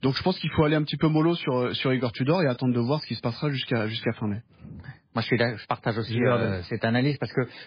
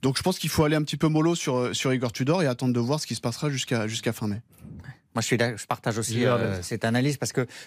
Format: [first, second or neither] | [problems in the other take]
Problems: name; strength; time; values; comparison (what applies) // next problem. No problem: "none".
second | garbled, watery; badly; nothing above 5 kHz